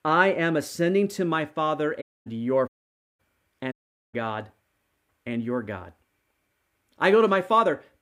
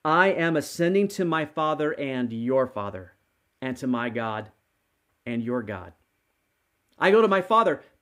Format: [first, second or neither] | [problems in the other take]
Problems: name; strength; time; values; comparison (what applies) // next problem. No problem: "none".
second | audio cutting out; at 2 s, at 2.5 s for 0.5 s and at 3.5 s